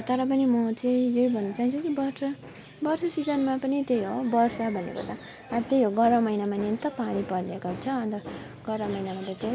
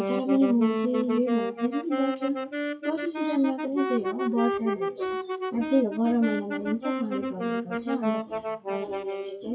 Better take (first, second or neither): first